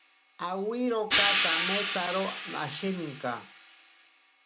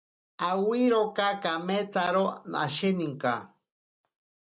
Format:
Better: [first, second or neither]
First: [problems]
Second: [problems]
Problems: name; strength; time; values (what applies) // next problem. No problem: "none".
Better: second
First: background sound (Hi-hat); 1 dB above the speech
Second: none